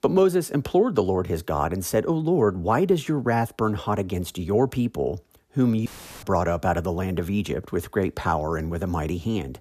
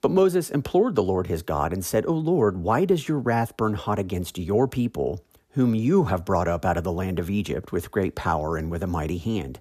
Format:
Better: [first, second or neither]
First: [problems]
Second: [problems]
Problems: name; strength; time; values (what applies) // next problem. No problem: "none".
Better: second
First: audio cutting out; filled with static; at 6 s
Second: none